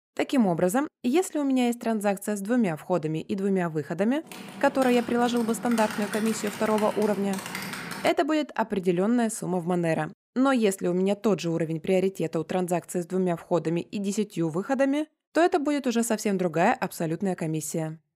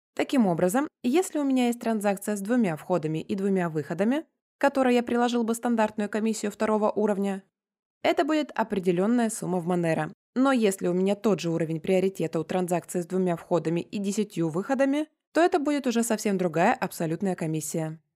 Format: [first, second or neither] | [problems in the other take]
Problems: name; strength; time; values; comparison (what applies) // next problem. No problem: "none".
second | keyboard typing; noticeable; from 4.5 to 8 s; peak 7 dB below the speech